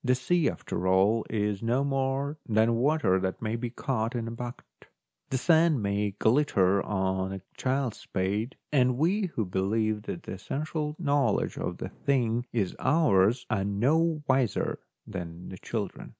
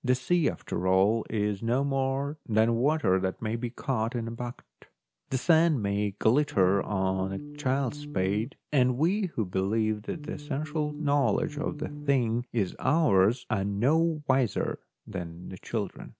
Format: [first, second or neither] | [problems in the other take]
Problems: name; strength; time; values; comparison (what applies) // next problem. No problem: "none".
first | background sound (Organ); 12 dB below the speech